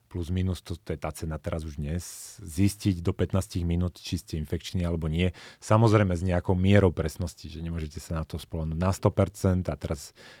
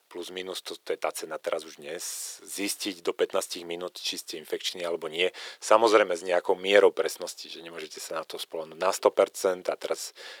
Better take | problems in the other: first | thin; very; fading below 400 Hz

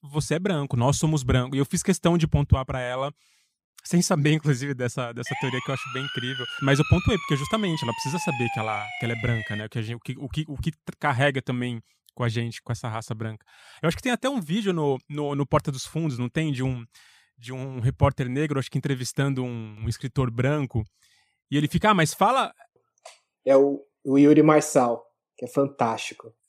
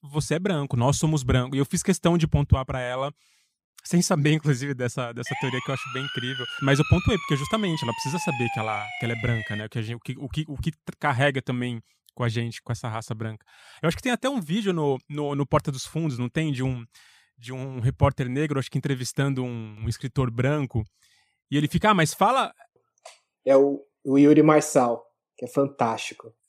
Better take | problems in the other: neither | siren; noticeable; from 5.5 to 9.5 s; peak 5 dB below the speech; the same in both

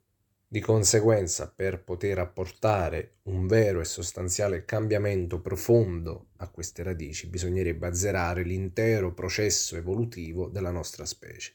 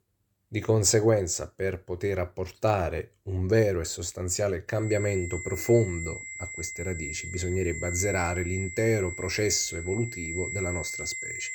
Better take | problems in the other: first | high-pitched whine; loud; from 5 s on; 2 kHz, 7 dB below the speech

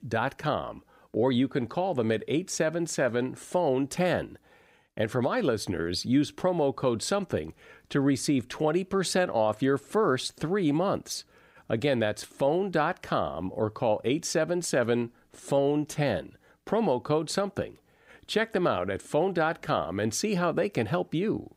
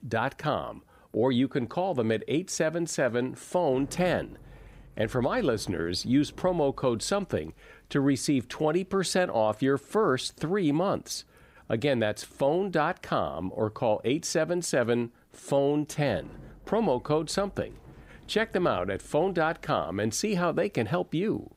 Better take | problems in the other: first | traffic noise; faint; throughout; 25 dB below the speech

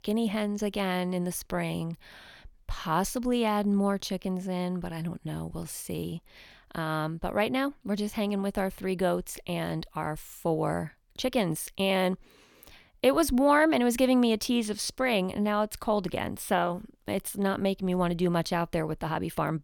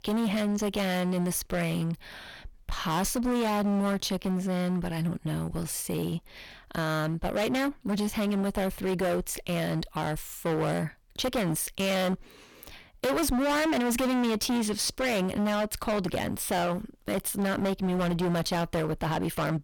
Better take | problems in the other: first | distortion; heavy; 23% of the sound clipped

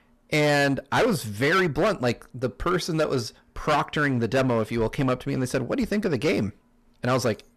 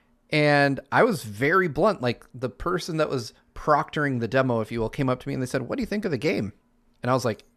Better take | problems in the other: second | distortion; heavy; 10% of the sound clipped

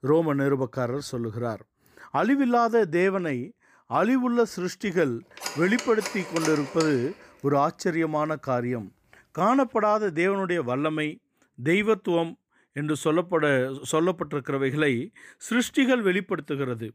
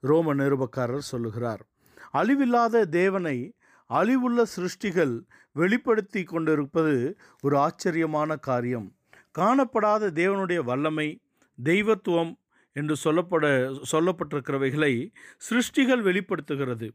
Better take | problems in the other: second | phone ringing; noticeable; from 5.5 to 7 s; peak 7 dB below the speech

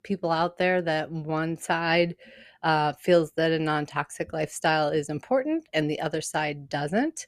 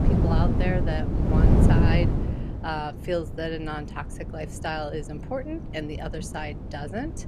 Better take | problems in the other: first | wind noise on the microphone; heavy; 1 dB above the speech

